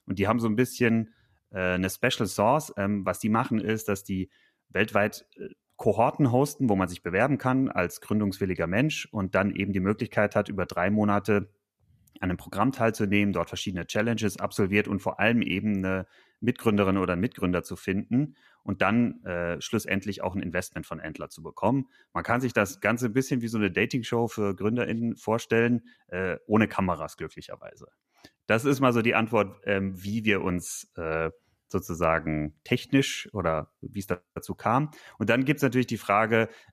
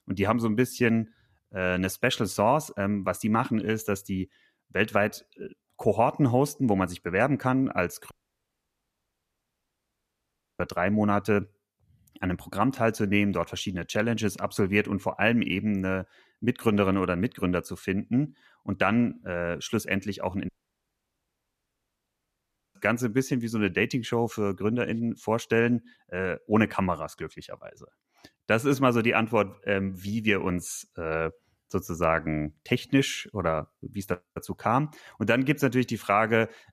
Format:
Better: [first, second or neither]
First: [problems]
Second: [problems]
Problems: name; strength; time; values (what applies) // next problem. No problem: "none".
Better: first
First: none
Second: audio cutting out; at 8 s for 2.5 s and at 20 s for 2.5 s